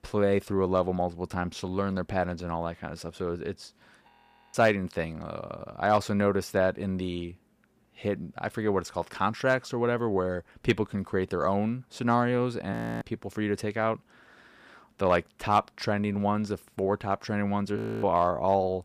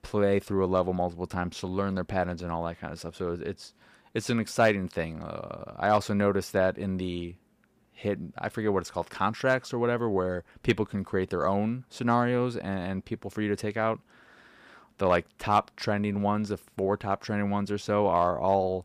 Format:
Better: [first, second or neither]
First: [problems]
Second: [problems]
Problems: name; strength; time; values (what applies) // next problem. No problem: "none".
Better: second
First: audio freezing; at 4 s, at 13 s and at 18 s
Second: none